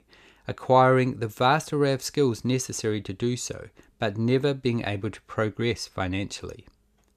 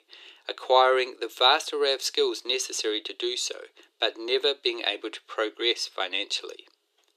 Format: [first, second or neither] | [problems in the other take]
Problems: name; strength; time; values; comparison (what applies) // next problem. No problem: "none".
first | thin; very; fading below 350 Hz